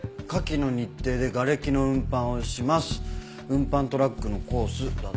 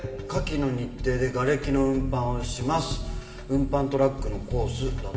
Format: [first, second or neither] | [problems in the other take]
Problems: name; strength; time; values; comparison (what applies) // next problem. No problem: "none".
first | room echo; dies away in 2.5 s